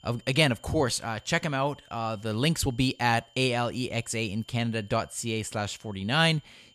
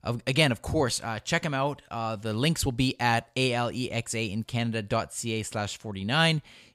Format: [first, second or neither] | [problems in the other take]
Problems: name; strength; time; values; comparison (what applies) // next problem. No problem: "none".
second | high-pitched whine; faint; throughout; 3 kHz, 30 dB below the speech